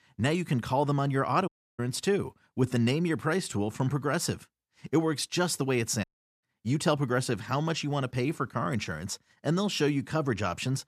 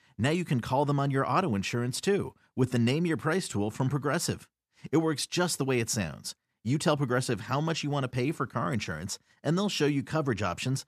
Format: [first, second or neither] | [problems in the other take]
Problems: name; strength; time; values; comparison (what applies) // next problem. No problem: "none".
second | audio cutting out; at 1.5 s and at 6 s